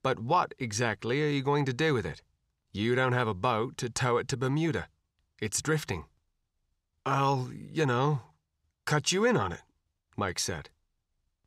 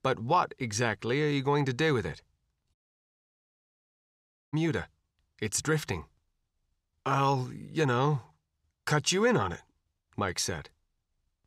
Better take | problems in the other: first | audio cutting out; at 2.5 s for 2 s

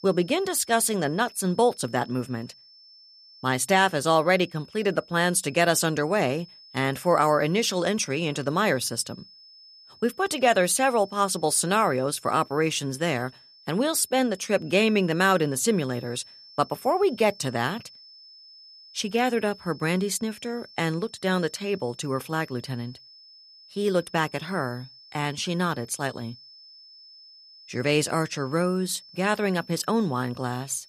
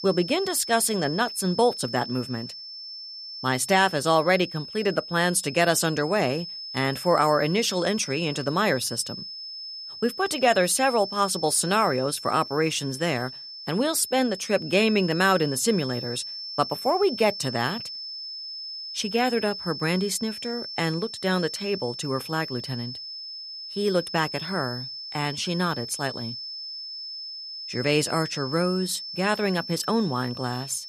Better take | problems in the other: first | high-pitched whine; loud; throughout; 5.5 kHz, 9 dB below the speech; faint in the first

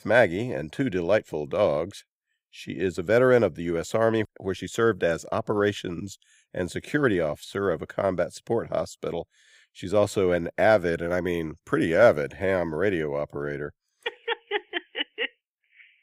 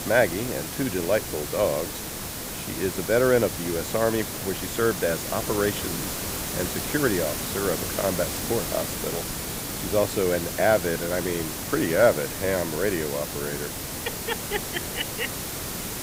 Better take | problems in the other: first | hiss; loud; throughout; 4 dB below the speech

